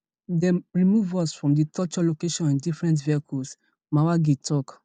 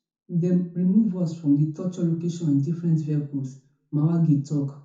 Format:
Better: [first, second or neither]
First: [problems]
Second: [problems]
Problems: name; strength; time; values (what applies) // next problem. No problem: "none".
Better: first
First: none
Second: room echo; dies away in 0.6 s